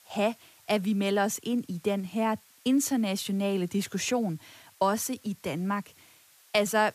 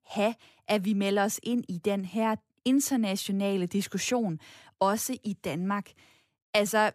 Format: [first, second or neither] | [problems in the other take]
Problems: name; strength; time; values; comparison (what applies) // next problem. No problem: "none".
second | hiss; faint; throughout; 25 dB below the speech